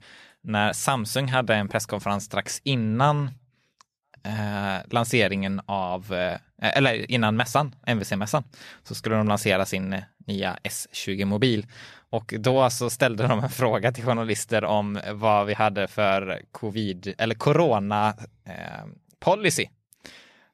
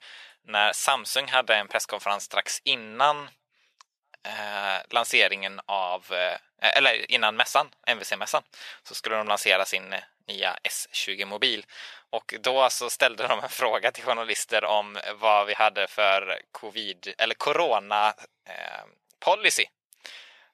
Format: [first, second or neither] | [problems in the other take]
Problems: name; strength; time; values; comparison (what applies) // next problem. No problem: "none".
first | thin; very; fading below 700 Hz